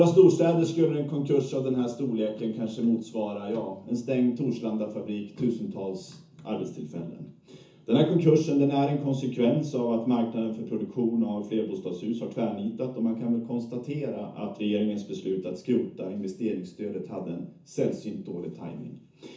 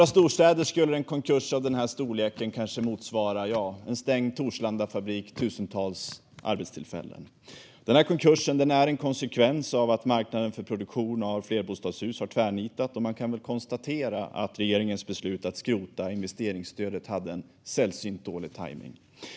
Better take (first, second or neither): second